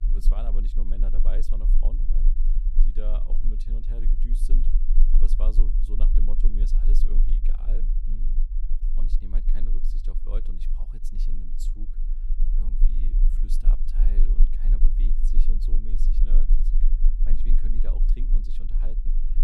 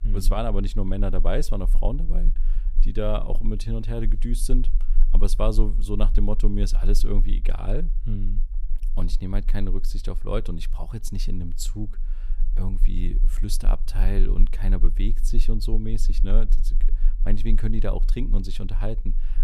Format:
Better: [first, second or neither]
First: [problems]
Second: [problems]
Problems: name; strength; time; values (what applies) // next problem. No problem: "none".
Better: second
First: low rumble; loud; throughout; 5 dB below the speech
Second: low rumble; faint; throughout; 20 dB below the speech